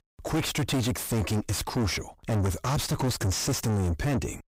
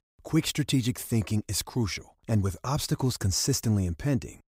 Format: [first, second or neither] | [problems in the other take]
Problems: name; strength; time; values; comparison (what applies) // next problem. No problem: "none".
second | distortion; heavy; 4 dB below the speech